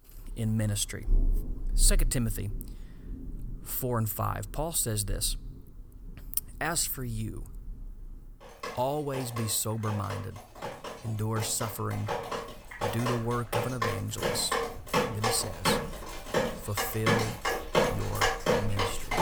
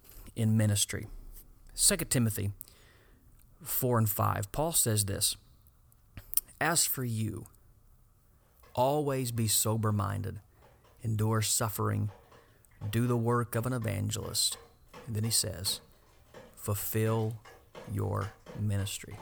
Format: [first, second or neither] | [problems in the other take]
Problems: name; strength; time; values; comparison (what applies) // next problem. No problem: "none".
second | rain or running water; loud; throughout; 1 dB below the speech; faint in the second